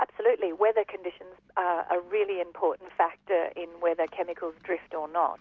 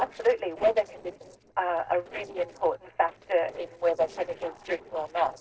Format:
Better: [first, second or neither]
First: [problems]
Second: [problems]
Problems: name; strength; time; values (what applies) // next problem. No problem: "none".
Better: first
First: none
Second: noise reduction (neural separator model SepFormer DNS4)